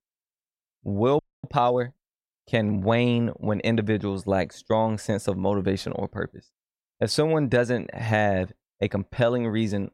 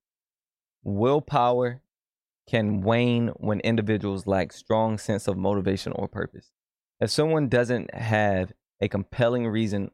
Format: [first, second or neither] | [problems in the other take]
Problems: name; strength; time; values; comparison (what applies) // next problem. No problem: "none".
second | audio freezing; at 1 s